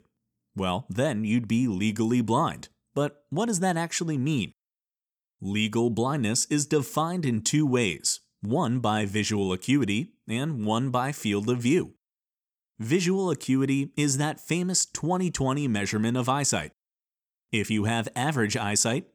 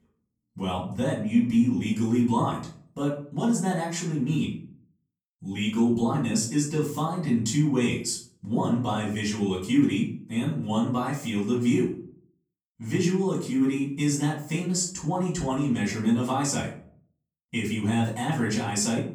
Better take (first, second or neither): first